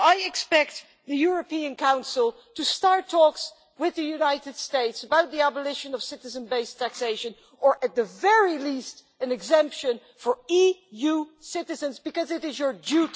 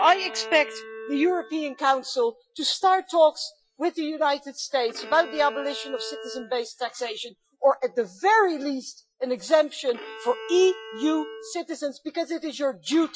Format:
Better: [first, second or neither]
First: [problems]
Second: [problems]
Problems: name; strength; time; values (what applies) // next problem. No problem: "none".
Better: first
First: none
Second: noise reduction (classical method Wiener filter)